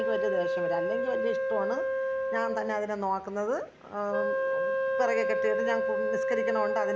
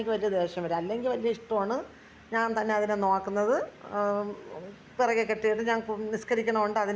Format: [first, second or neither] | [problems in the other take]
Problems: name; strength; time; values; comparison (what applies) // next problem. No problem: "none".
second | background sound (Wind instrument, woodwind instrument); 3 dB above the speech